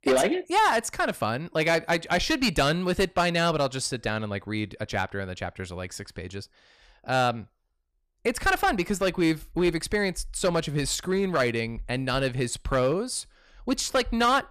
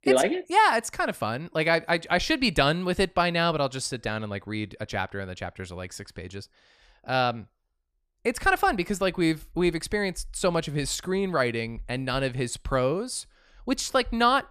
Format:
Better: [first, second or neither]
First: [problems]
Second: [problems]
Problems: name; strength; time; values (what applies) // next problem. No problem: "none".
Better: second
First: distortion; slight; 5% of the sound clipped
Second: none